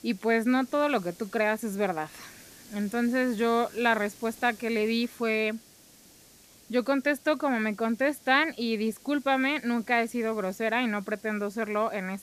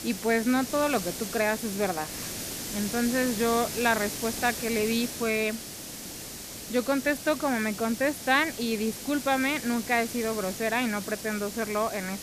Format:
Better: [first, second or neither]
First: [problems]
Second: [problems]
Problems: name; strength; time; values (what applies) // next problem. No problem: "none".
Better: first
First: hiss; faint; throughout; 25 dB below the speech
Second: hiss; loud; throughout; 8 dB below the speech